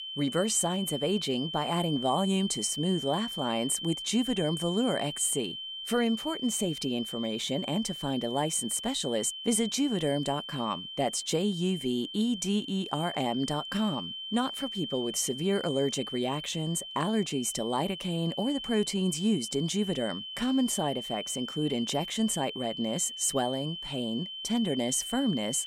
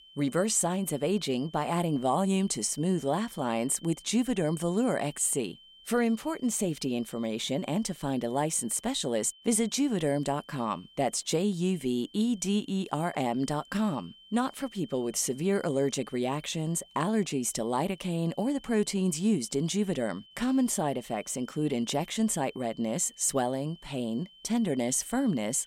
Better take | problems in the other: second | high-pitched whine; loud; throughout; 3 kHz, 7 dB below the speech; faint in the second

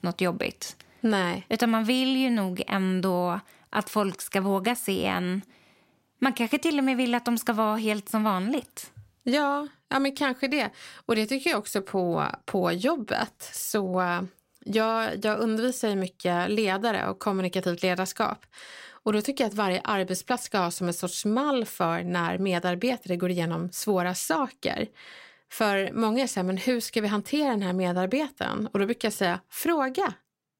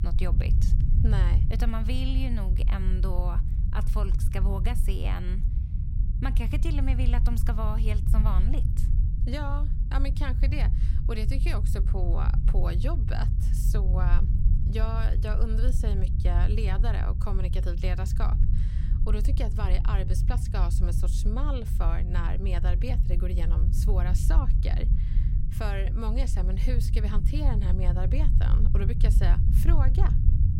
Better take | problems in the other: first | low rumble; loud; throughout; 6 dB below the speech

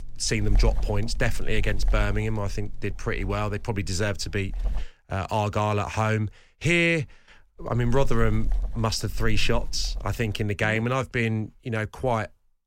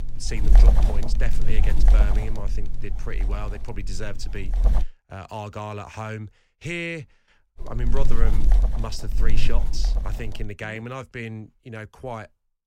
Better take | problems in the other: first | wind noise on the microphone; heavy; until 5 s and from 7.5 to 10 s; 5 dB below the speech; occasional gusts in the first

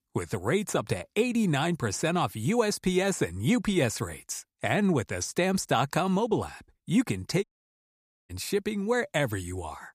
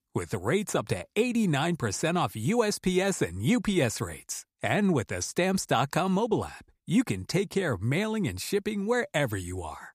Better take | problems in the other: second | audio cutting out; at 7.5 s for 1 s

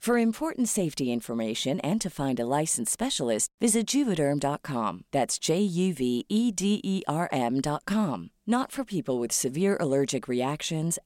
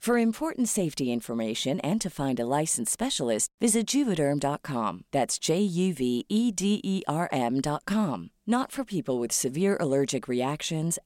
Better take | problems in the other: neither | none

